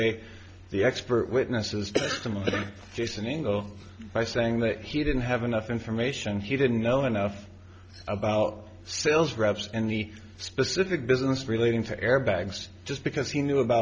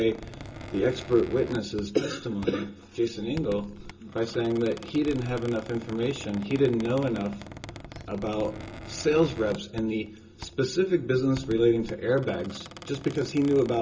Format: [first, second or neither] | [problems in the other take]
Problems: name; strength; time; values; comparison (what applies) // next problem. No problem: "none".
first | background sound (Squeak); 16 dB below the speech // room echo; dies away in 0.2 s